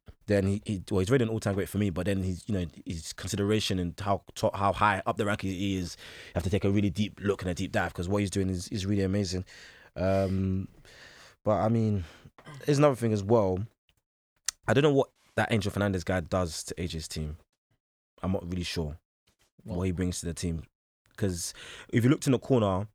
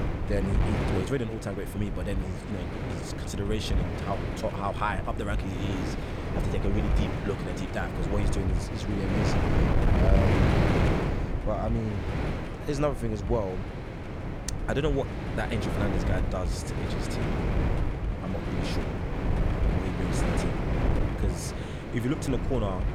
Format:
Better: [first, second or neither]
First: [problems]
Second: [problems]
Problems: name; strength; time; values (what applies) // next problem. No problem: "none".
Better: first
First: none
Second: wind noise on the microphone; heavy; as loud as the speech